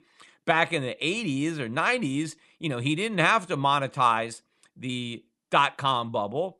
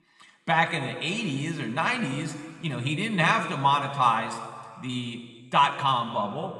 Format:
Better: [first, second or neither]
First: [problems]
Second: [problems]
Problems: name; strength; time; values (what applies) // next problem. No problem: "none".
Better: first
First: none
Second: room echo; slight; dies away in 1.7 s